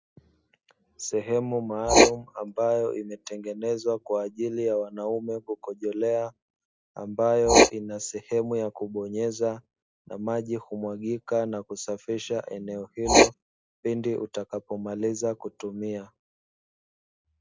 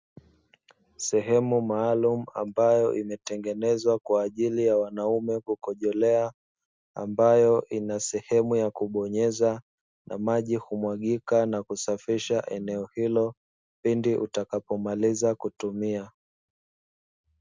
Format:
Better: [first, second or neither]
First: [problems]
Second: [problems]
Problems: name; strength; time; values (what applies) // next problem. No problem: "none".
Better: second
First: noise reduction (classical method log-MMSE)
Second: none